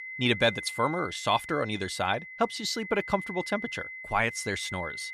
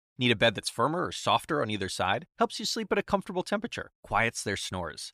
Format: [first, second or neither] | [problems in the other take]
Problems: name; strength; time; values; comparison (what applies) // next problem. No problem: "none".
second | high-pitched whine; loud; throughout; 2 kHz, 10 dB below the speech